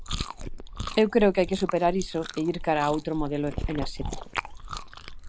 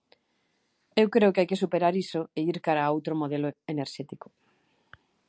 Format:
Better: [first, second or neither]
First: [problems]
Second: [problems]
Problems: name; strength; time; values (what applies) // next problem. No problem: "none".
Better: second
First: noise reduction (neural mask model Resemble Enhance denoiser)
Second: none